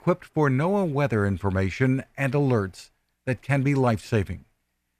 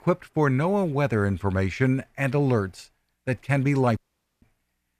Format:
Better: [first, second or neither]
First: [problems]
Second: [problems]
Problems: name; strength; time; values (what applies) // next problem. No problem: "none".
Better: first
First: none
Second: audio cutting out; at 4 s